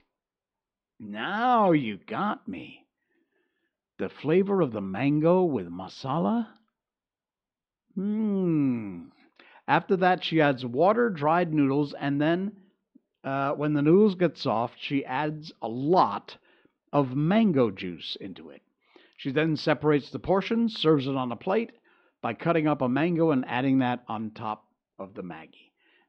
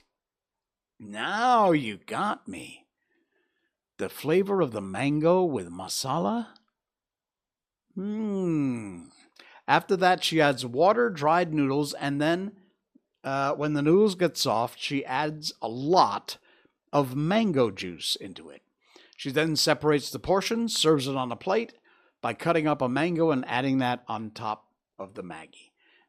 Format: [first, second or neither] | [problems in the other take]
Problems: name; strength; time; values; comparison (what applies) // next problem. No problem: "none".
second | muffled; slightly; fading above 3.5 kHz